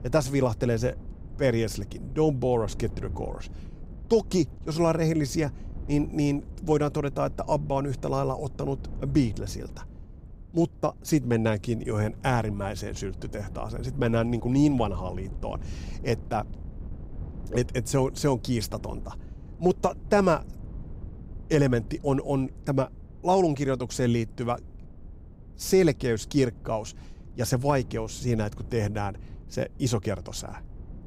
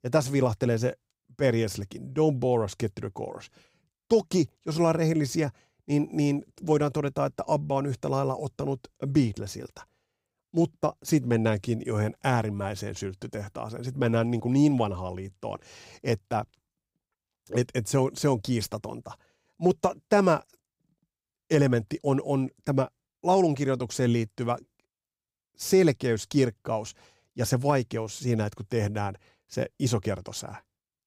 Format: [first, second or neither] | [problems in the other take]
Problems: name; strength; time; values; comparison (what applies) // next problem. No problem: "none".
second | wind noise on the microphone; occasional gusts; 25 dB below the speech